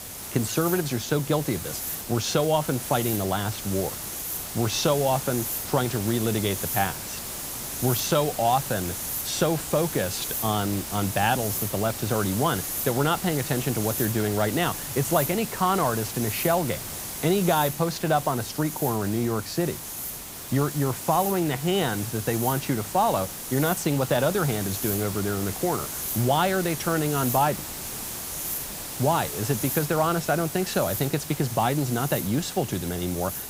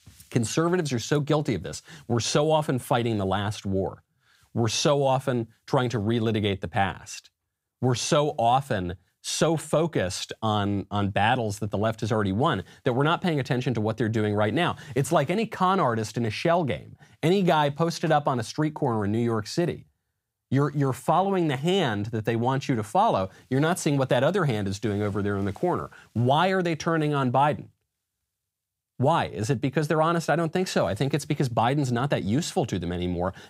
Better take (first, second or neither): second